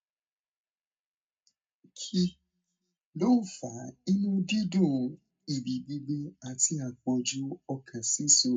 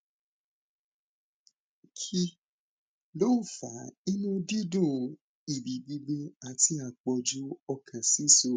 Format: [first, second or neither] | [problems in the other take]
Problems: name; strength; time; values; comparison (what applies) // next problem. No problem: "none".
second | room echo; dies away in 0.3 s